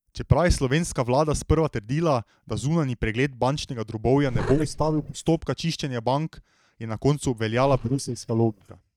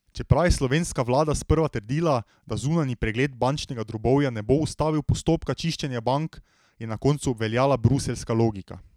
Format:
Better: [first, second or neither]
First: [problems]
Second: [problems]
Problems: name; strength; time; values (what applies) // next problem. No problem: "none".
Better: second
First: noise reduction (neural mask model DeepFilterNet 3)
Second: none